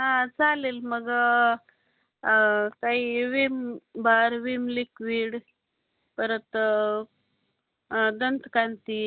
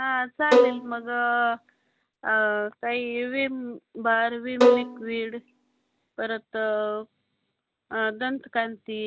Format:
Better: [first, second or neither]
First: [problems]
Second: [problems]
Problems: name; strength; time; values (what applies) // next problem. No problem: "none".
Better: first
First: none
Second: background sound (Bowed string instrument); 3 dB above the speech